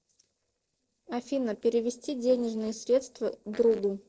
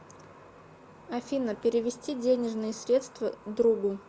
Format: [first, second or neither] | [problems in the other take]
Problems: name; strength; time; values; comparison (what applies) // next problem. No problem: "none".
second | noise reduction (neural separator model SepFormer DNS4)